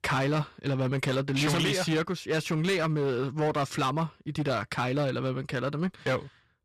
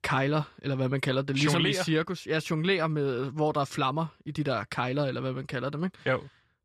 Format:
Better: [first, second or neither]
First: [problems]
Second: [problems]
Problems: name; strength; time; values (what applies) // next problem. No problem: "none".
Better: second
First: distortion; slight; 13% of the sound clipped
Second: none